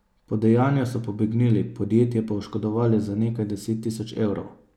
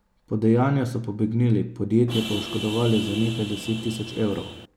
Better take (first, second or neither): first